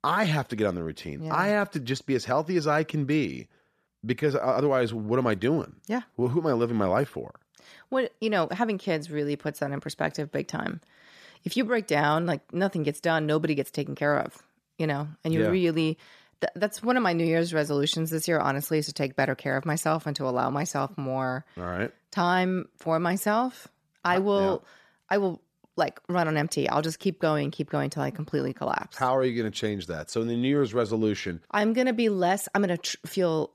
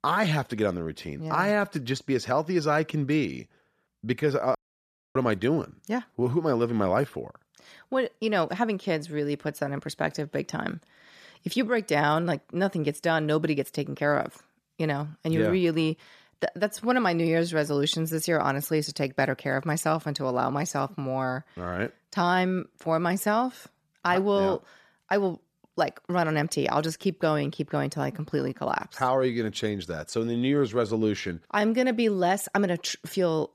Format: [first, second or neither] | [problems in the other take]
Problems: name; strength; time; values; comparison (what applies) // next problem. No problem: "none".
first | audio cutting out; at 4.5 s for 0.5 s